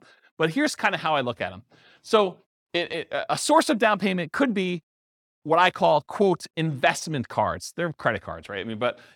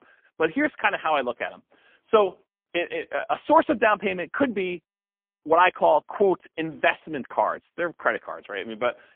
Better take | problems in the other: first | phone-call audio; poor line; nothing above 3.5 kHz

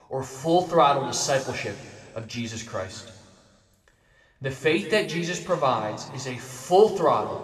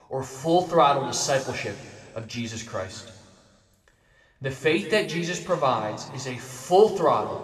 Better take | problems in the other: neither | room echo; noticeable; dies away in 1.8 s; the same in both // off-mic speech; somewhat distant; the same in both

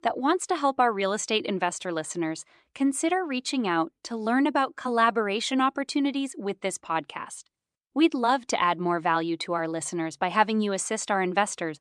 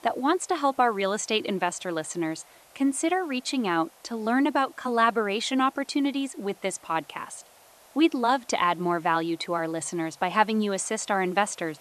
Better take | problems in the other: first | hiss; faint; throughout; 25 dB below the speech

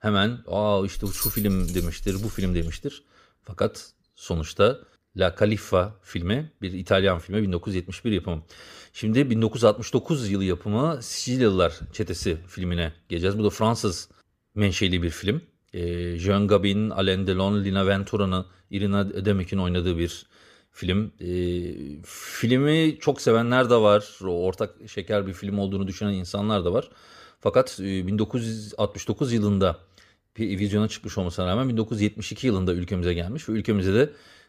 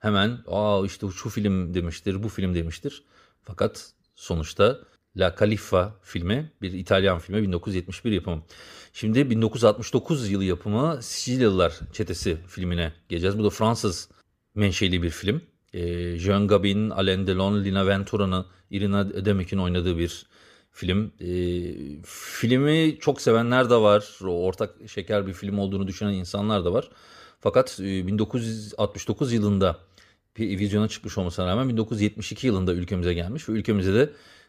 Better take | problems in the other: second | jangling keys; noticeable; from 1 to 3 s; peak 2 dB below the speech

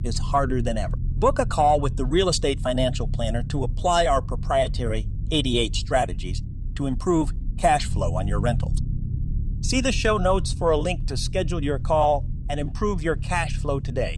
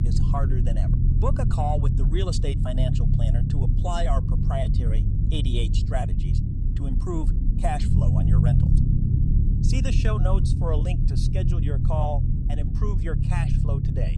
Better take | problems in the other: first | low rumble; loud; throughout; 3 dB below the speech; faint in the first

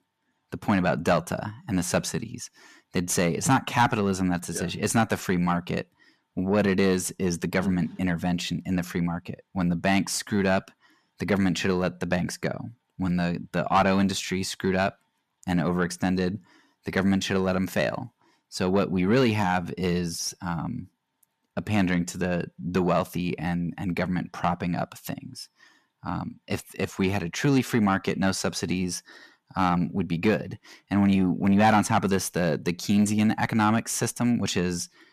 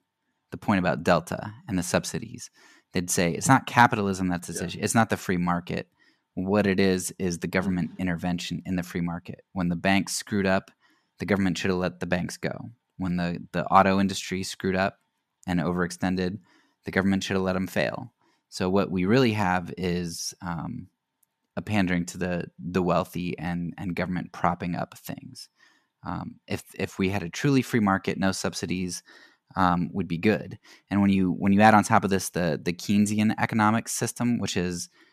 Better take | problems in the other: second | distortion; slight; 10 dB below the speech

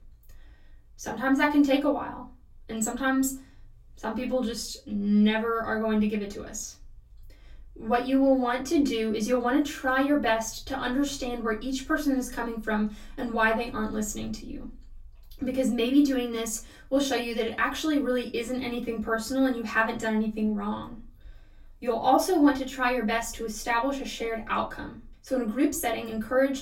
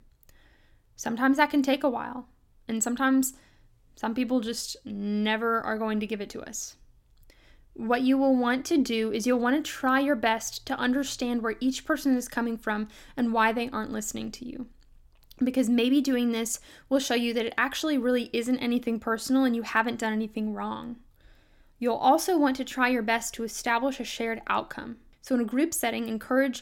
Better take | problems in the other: second | off-mic speech; far // room echo; very slight; dies away in 0.2 s

